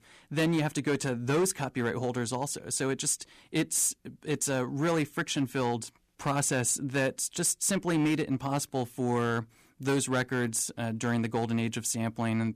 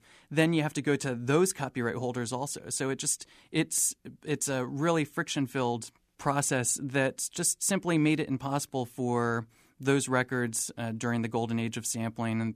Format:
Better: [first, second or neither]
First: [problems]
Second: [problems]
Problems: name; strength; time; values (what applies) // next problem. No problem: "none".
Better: second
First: distortion; slight; 6% of the sound clipped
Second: none